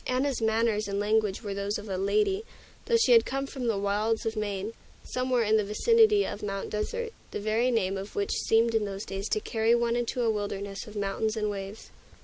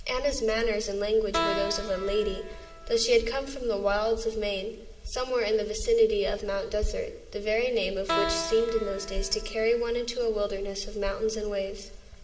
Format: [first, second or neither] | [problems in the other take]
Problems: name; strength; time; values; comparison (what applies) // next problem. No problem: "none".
first | background sound (Keyboard (musical)); 9 dB below the speech // room echo; dies away in 0.9 s